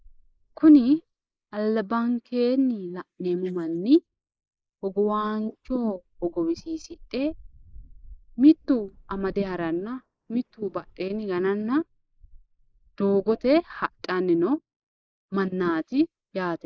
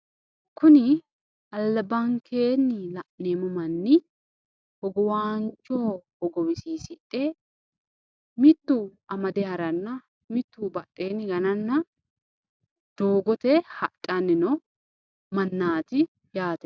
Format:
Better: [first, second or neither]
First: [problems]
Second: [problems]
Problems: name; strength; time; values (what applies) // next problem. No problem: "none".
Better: second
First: noise reduction (neural mask model Resemble Enhance denoiser)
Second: none